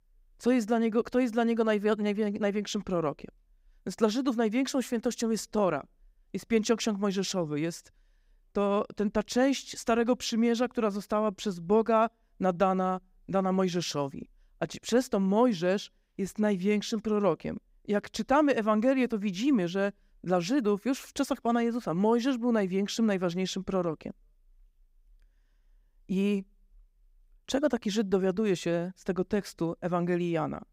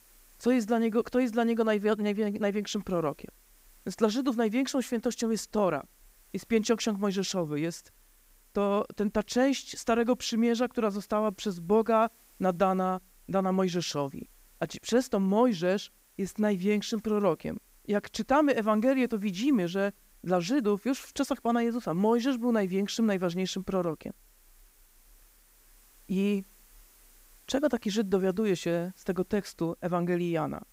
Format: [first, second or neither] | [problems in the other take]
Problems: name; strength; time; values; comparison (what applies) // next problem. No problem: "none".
first | hiss; faint; throughout; 30 dB below the speech